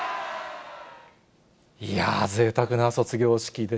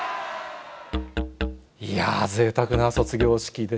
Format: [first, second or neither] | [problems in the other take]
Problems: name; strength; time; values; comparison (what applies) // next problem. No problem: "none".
first | background sound (Musical instrument); 7 dB below the speech